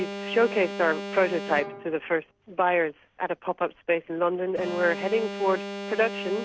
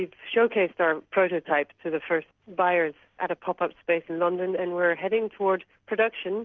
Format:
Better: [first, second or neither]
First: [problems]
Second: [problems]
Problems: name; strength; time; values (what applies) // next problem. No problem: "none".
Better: second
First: background sound (Alarm); 10 dB below the speech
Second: none